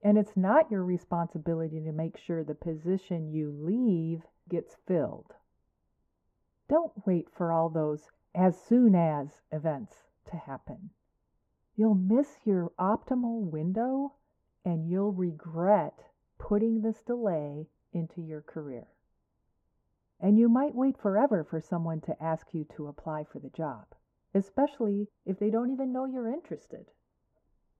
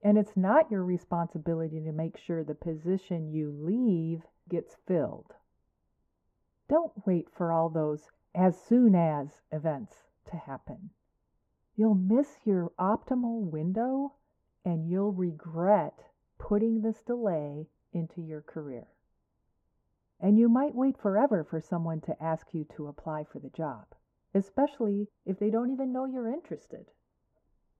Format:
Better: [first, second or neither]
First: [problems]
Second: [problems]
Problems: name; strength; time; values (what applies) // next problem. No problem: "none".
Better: neither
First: muffled; very; fading above 2 kHz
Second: muffled; very; fading above 2 kHz